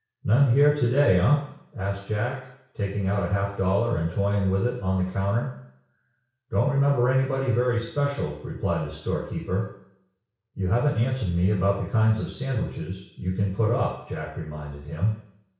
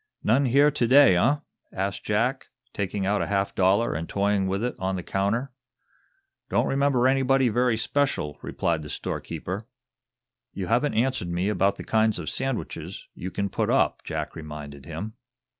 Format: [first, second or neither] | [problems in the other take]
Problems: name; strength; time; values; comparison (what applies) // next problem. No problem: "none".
second | room echo; dies away in 0.6 s